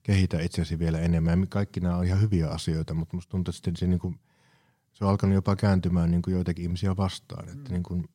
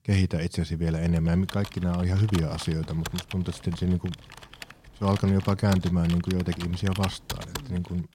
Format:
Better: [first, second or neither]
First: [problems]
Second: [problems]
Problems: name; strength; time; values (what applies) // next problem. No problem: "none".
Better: first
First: none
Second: keyboard typing; noticeable; from 1 s on; peak 8 dB below the speech